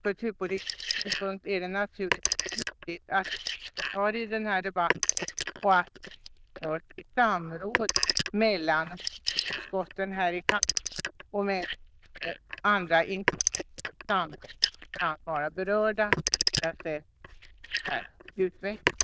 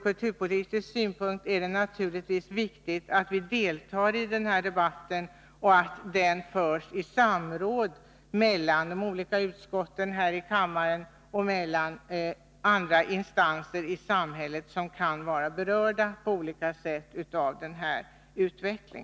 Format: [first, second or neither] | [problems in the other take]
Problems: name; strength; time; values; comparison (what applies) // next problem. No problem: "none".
second | noise reduction (neural diffusion model UNIVERSE++)